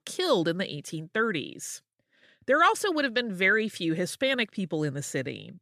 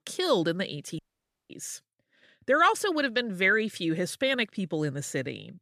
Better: first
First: none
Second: audio cutting out; at 1 s for 0.5 s

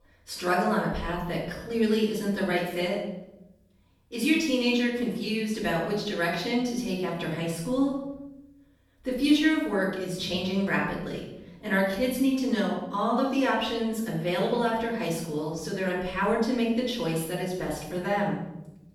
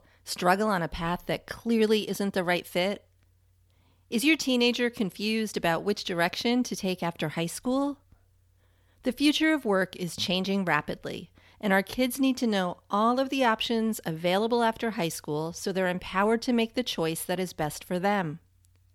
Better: second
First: room echo; noticeable; dies away in 0.9 s // off-mic speech; far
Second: none

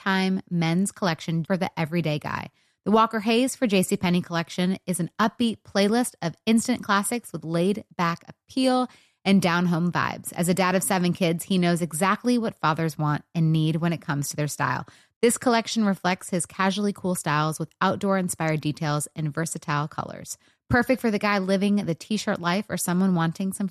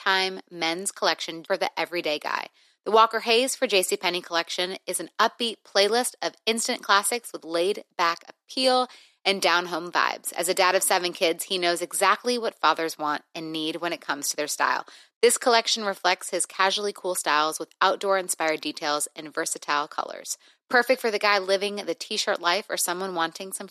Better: first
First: none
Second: thin; very; fading below 350 Hz

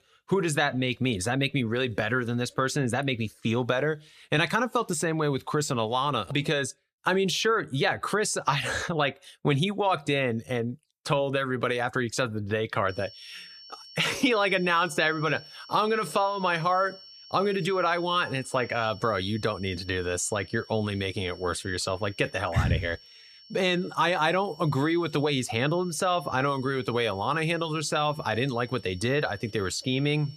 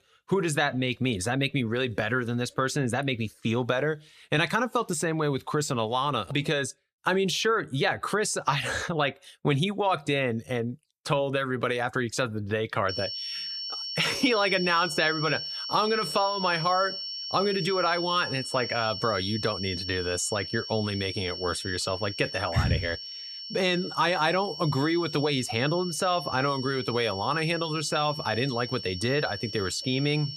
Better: first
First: high-pitched whine; faint; from 13 s on; 5.5 kHz, 20 dB below the speech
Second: high-pitched whine; loud; from 13 s on; 5.5 kHz, 7 dB below the speech

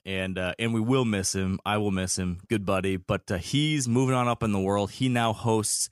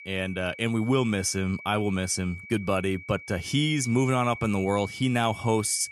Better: first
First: none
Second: high-pitched whine; noticeable; throughout; 2.5 kHz, 15 dB below the speech

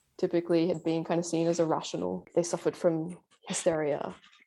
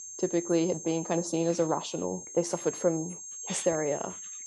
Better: first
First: none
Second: high-pitched whine; loud; throughout; 6.5 kHz, 9 dB below the speech

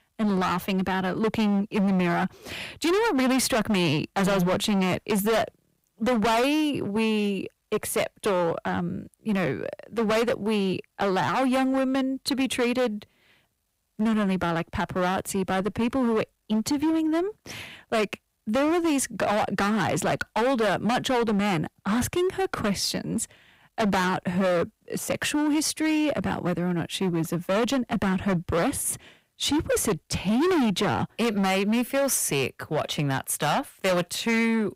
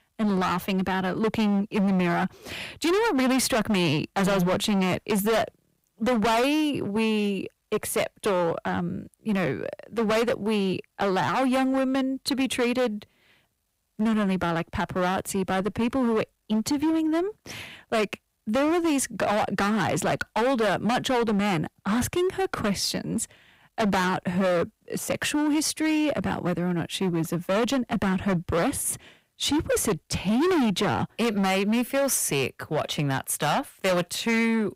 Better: neither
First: distortion; heavy; 19% of the sound clipped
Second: distortion; heavy; 19% of the sound clipped

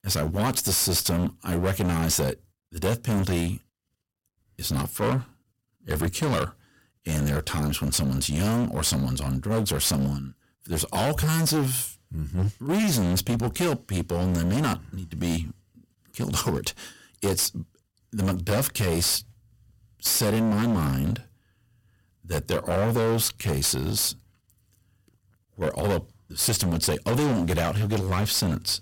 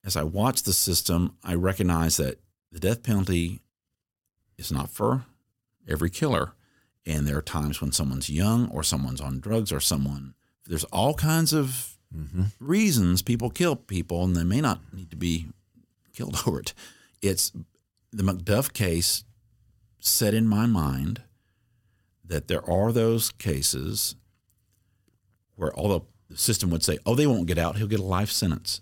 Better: second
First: distortion; heavy; 17% of the sound clipped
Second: none

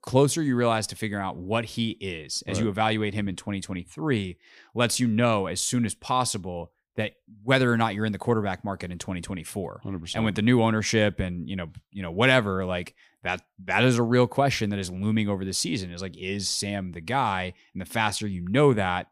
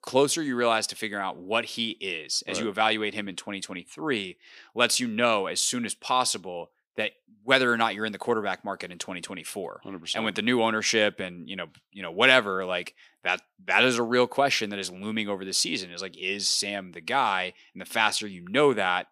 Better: first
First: none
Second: thin; somewhat; fading below 300 Hz

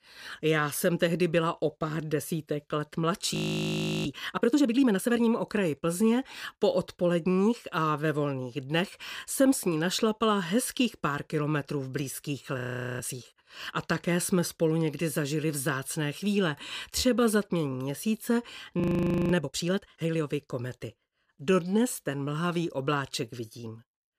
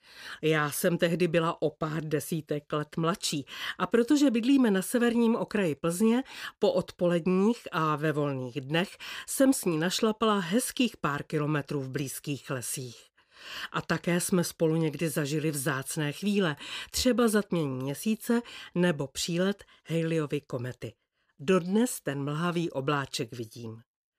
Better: second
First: audio freezing; at 3.5 s for 0.5 s, at 13 s and at 19 s for 0.5 s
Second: none

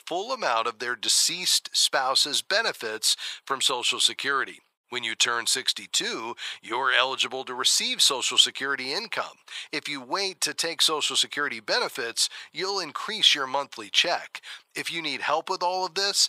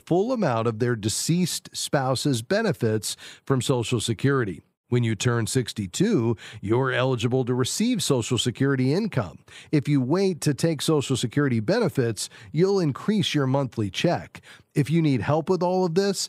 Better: second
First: thin; very; fading below 850 Hz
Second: none

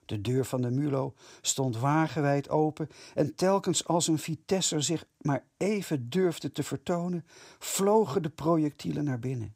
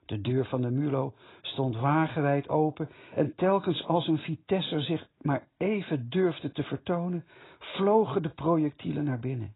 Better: first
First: none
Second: garbled, watery; badly; nothing above 4 kHz

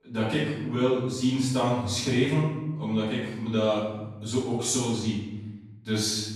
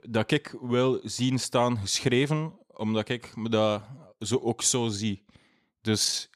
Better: second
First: off-mic speech; far // room echo; strong; dies away in 1 s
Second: none

